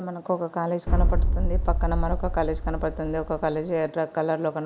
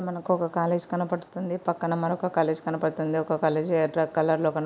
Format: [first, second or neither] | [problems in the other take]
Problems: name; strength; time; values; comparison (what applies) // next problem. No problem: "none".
second | background sound (Boom); 4 dB above the speech